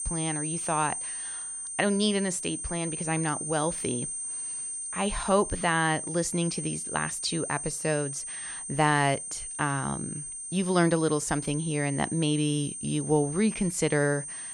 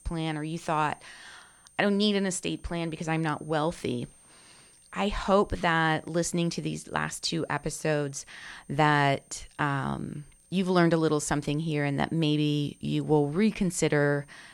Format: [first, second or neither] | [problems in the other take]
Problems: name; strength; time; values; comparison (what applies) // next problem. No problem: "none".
second | high-pitched whine; loud; throughout; 8.5 kHz, 5 dB below the speech; faint in the second